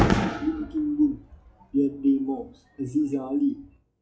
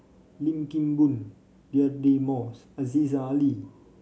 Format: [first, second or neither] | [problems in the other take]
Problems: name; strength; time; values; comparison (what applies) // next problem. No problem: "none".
second | noise reduction (classical method log-MMSE)